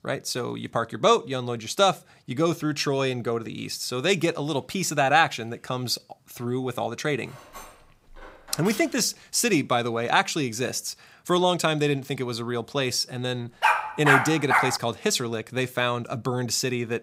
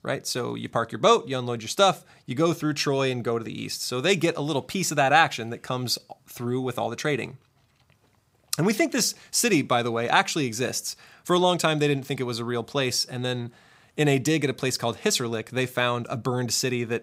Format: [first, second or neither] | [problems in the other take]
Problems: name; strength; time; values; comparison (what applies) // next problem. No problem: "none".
second | clattering dishes; faint; from 7.5 to 9 s; peak 15 dB below the speech // dog barking; loud; from 14 to 15 s; peak 4 dB above the speech